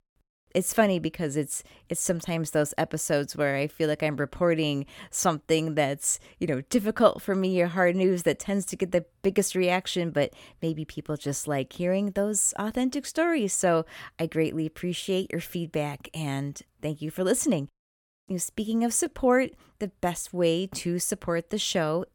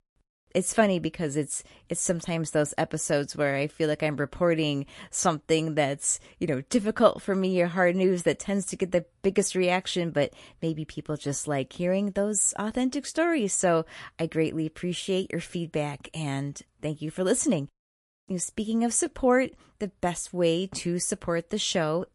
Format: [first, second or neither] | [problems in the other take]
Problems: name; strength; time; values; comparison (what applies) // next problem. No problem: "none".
first | garbled, watery; slightly; nothing above 11 kHz